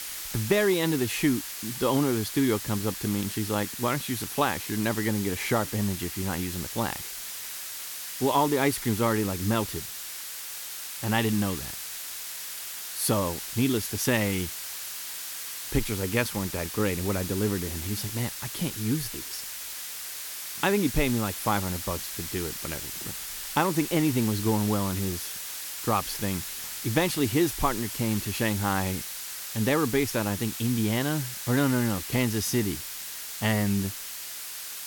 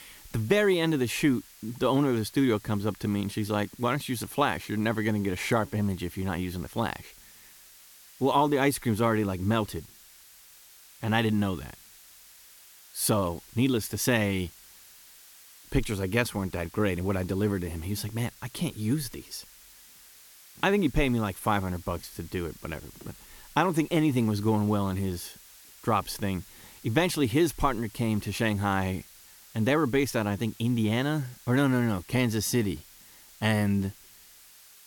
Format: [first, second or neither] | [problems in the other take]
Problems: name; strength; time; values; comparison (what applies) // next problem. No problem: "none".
second | hiss; loud; throughout; 6 dB below the speech; faint in the second